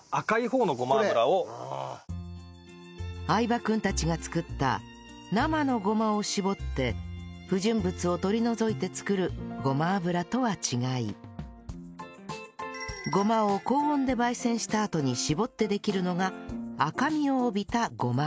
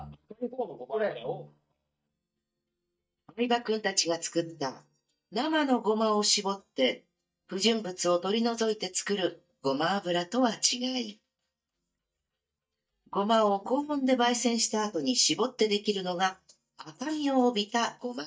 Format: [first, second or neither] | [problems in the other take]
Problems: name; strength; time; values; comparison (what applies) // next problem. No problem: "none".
first | noise reduction (neural mask model DeepFilterNet 3)